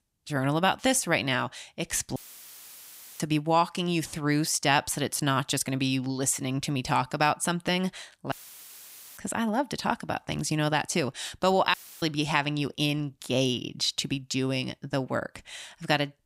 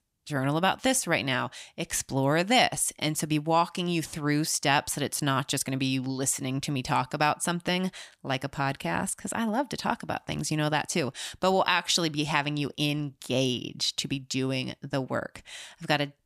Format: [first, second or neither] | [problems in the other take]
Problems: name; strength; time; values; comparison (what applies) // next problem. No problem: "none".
second | audio cutting out; filled with static; at 2 s for 1 s, at 8.5 s for 1 s and at 12 s